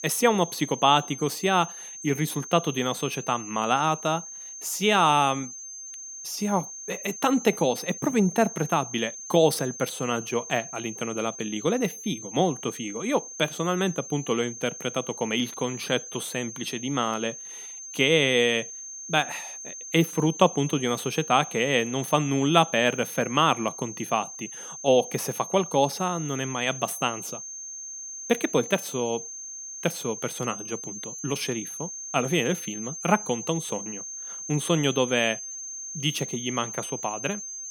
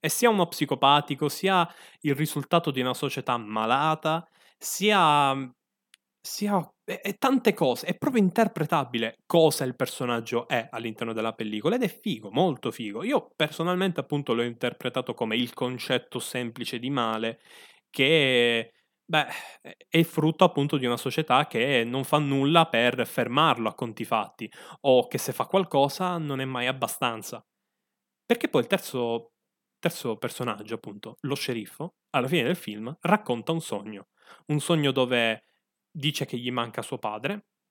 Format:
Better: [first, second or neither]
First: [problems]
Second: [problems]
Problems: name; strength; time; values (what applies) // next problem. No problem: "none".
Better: second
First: high-pitched whine; noticeable; throughout; 6.5 kHz, 10 dB below the speech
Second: none